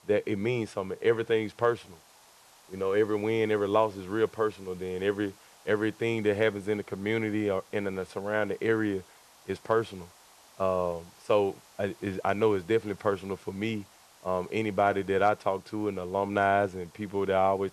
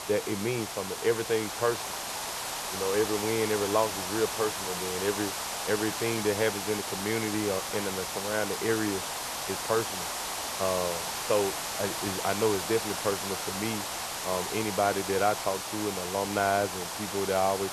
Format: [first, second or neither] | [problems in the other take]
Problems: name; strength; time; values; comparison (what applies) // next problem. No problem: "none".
first | hiss; loud; throughout; 2 dB below the speech; faint in the first